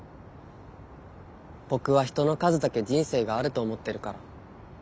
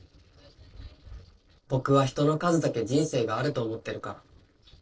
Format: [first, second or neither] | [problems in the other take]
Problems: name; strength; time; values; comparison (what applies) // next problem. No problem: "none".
first | noise reduction (neural separator model SepFormer DNS4)